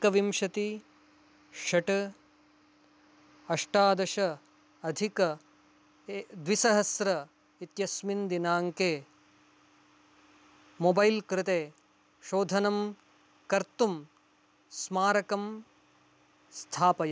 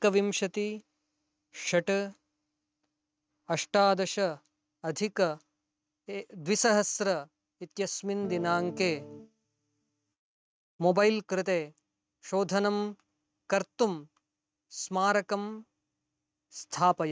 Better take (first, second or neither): first